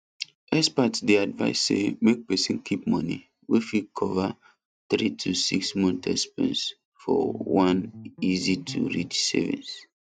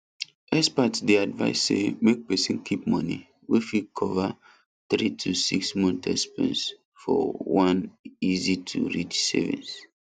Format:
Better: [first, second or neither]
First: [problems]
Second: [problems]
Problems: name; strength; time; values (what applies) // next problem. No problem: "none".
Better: second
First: noise reduction (neural mask model RNNoise)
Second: none